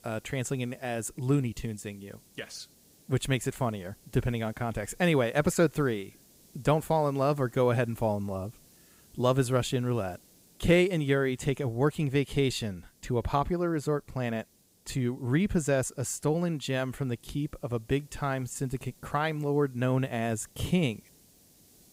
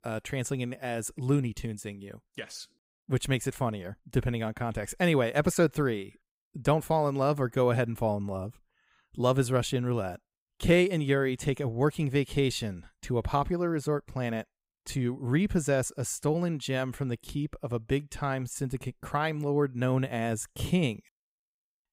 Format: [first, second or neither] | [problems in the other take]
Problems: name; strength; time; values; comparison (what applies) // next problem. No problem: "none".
second | hiss; faint; throughout; 30 dB below the speech